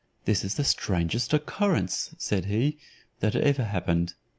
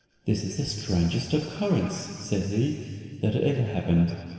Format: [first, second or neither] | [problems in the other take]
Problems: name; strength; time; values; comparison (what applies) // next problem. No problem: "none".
first | room echo; dies away in 2.2 s